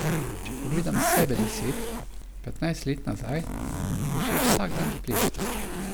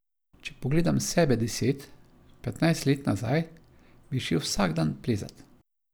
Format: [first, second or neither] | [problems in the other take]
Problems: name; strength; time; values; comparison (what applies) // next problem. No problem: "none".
second | background sound (Zipper (clothing)); 4 dB above the speech